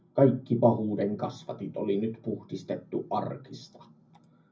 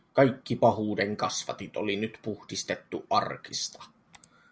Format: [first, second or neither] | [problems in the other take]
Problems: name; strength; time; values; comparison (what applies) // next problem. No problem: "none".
second | room echo; dies away in 0.4 s